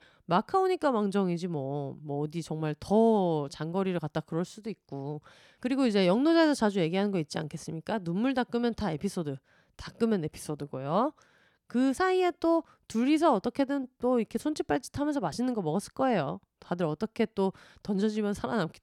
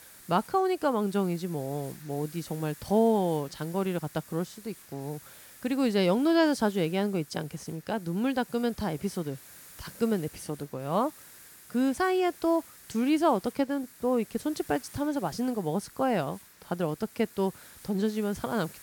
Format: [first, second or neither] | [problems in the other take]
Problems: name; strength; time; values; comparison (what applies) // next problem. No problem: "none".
first | hiss; noticeable; throughout; 20 dB below the speech